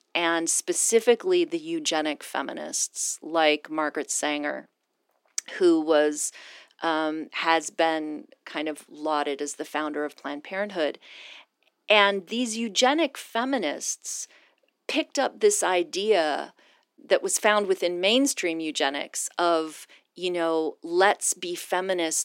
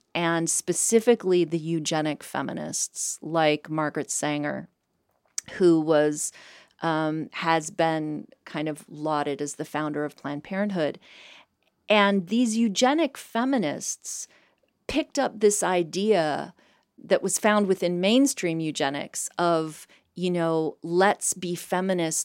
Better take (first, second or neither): second